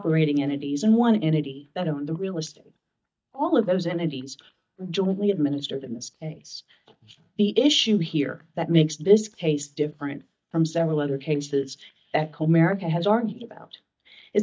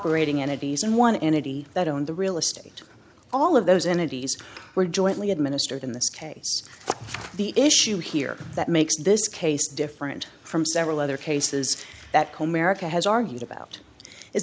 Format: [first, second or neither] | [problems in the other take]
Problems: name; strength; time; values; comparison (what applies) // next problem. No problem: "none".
second | noise reduction (neural mask model DeepFilterNet 3)